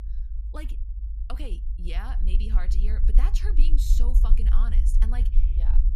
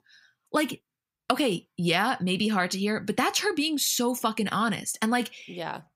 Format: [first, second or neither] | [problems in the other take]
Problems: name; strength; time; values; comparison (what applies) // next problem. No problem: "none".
second | low rumble; loud; throughout; 6 dB below the speech